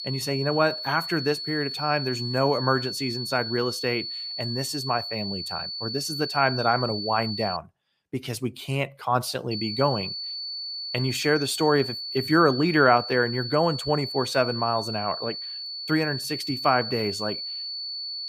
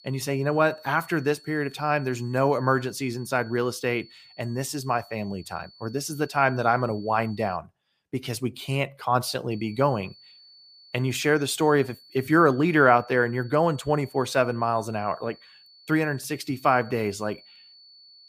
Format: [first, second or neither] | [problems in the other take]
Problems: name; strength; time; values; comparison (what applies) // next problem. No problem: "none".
second | high-pitched whine; loud; until 7.5 s and from 9.5 s on; 4.5 kHz, 5 dB below the speech; faint in the second